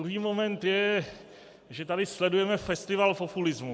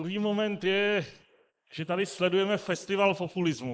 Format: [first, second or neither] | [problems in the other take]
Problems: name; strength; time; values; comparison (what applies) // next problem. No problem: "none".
first | noise reduction (neural mask model Resemble Enhance denoiser)